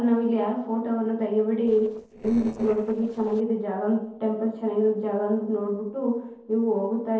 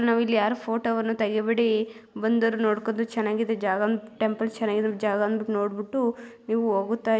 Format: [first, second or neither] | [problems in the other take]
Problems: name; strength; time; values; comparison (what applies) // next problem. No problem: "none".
second | noise reduction (neural separator model SepFormer DNS4)